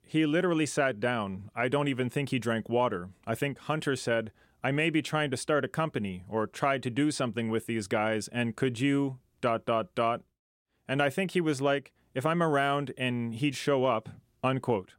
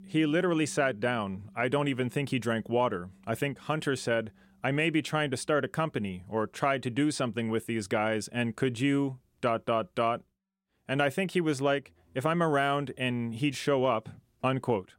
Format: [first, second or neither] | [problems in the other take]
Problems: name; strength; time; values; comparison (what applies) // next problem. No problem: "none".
first | background music; faint; throughout; 30 dB below the speech